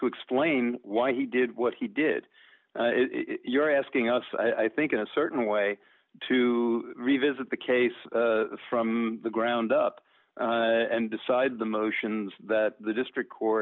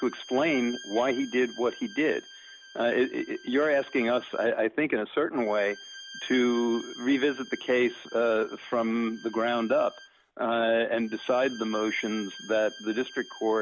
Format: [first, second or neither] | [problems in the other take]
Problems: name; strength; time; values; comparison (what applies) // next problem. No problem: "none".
first | background sound (Bowed string instrument); 19 dB below the speech